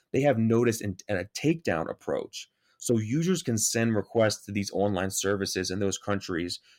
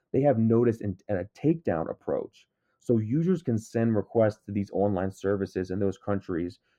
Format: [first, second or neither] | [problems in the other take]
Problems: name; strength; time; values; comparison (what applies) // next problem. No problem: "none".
first | muffled; very; fading above 2 kHz